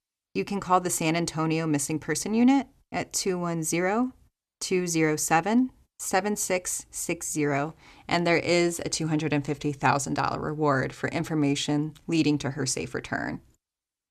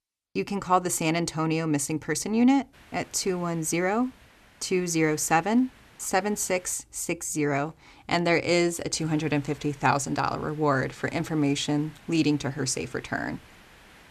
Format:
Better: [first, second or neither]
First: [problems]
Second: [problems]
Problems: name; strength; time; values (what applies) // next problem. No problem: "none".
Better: first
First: none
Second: hiss; faint; from 2.5 to 6.5 s and from 9 s on; 25 dB below the speech